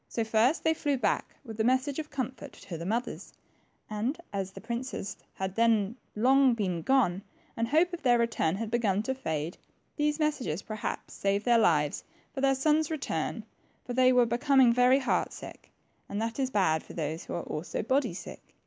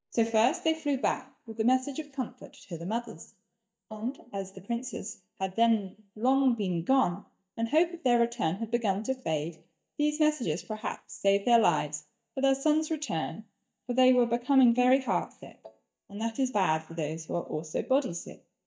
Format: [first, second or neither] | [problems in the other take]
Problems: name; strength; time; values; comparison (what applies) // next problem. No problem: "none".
first | noise reduction (neural mask model DeepFilterNet 3)